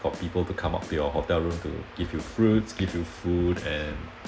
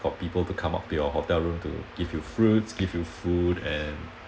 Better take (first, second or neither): second